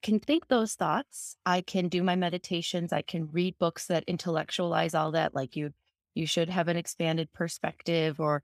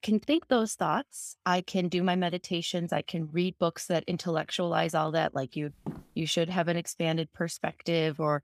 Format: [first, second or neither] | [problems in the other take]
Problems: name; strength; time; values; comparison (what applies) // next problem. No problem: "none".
first | footsteps; faint; at 6 s; peak 10 dB below the speech